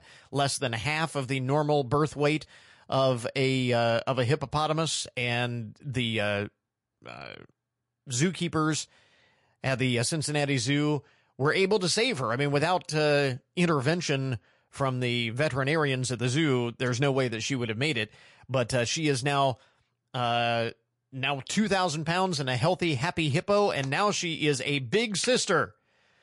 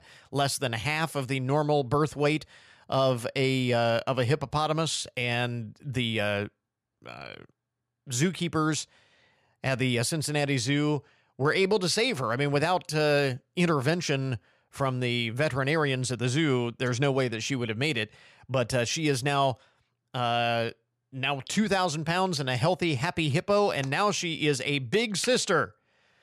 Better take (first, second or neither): second